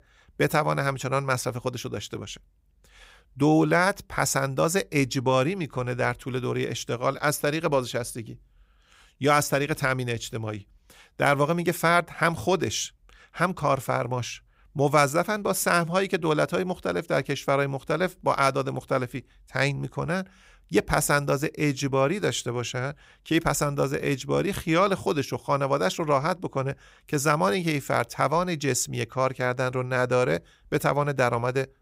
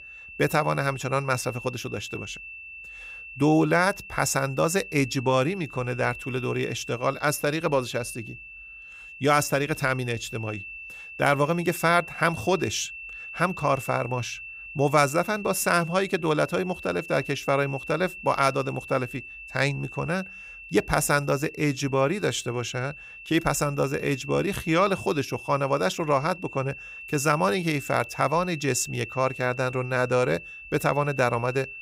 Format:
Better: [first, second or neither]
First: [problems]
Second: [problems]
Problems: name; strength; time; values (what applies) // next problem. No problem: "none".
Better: first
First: none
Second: high-pitched whine; noticeable; throughout; 2.5 kHz, 15 dB below the speech